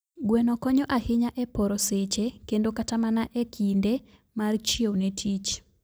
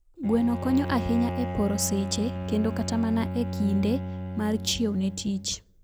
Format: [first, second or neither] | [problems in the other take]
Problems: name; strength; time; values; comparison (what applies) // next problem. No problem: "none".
first | background sound (Bowed string instrument); 6 dB below the speech